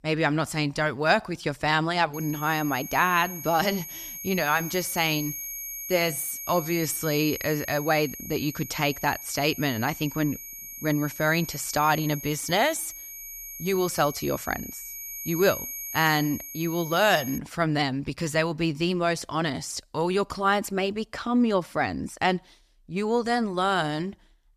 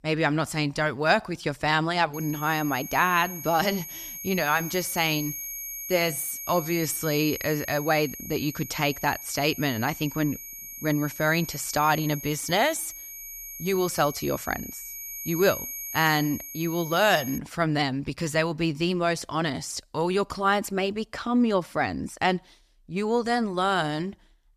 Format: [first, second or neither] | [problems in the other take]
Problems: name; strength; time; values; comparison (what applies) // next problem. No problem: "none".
neither | high-pitched whine; loud; from 2 to 17 s; 12 kHz, 9 dB below the speech; the same in both